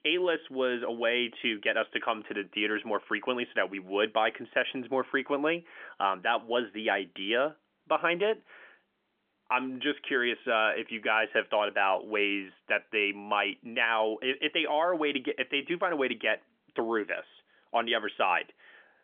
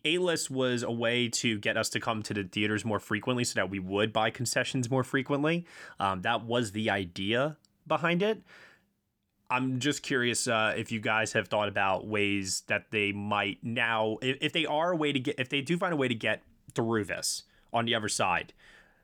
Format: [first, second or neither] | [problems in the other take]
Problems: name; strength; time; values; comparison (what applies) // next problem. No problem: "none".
second | phone-call audio; nothing above 3.5 kHz